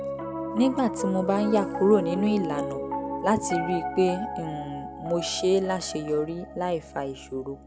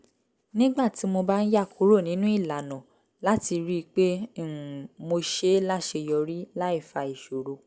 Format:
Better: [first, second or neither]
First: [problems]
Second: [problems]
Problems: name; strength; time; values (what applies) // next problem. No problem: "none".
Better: second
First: background sound (Piano); 6 dB below the speech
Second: none